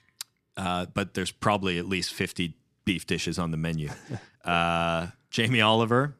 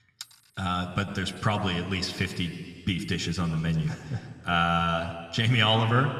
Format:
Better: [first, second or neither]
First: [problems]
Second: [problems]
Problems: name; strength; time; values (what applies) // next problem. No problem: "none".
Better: first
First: none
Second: room echo; slight; dies away in 2.2 s